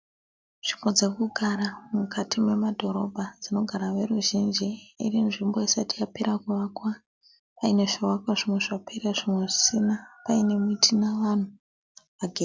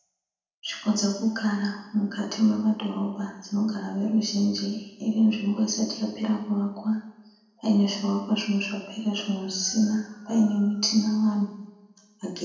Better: first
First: none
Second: room echo; dies away in 0.9 s

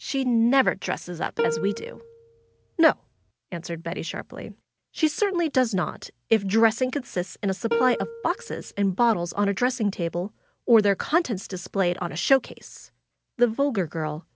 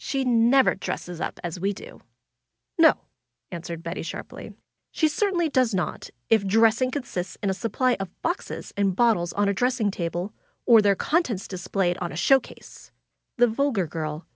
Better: second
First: background sound (Plucked string instrument); 7 dB below the speech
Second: none

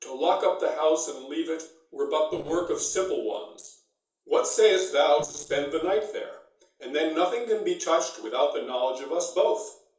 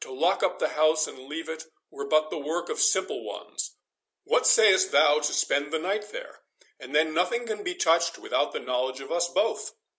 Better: second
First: noise reduction (neural separator model SepFormer DNS4)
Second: none

